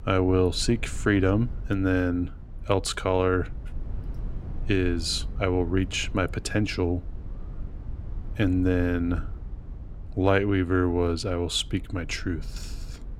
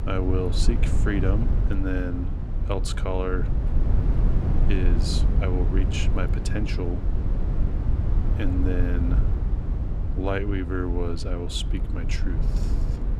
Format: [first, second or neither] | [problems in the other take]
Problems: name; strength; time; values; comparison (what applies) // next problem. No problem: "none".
first | low rumble; loud; throughout; 6 dB below the speech; faint in the first